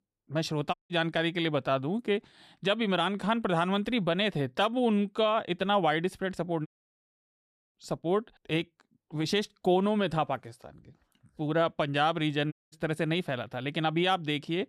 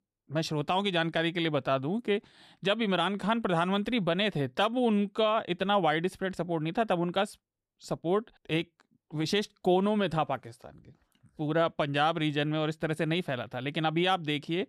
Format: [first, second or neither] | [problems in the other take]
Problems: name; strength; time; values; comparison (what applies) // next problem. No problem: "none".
second | audio cutting out; at 0.5 s, at 6.5 s for 1 s and at 13 s